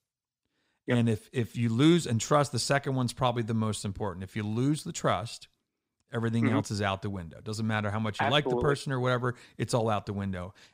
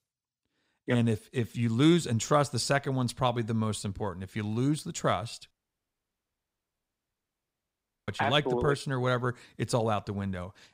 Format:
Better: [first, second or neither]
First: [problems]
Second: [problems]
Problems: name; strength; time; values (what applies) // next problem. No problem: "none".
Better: first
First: none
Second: audio cutting out; at 5.5 s for 2.5 s